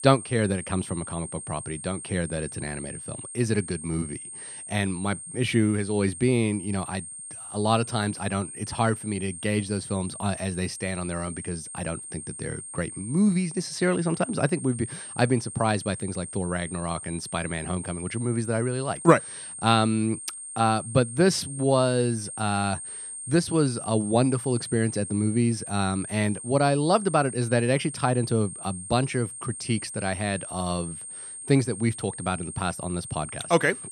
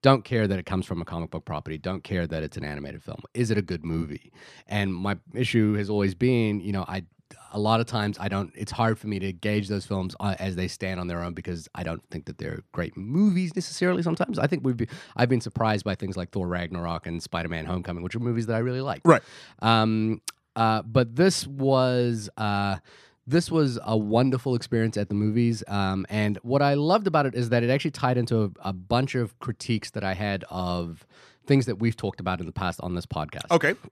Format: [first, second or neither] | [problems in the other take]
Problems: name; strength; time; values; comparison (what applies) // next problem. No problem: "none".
second | high-pitched whine; loud; throughout; 8.5 kHz, 9 dB below the speech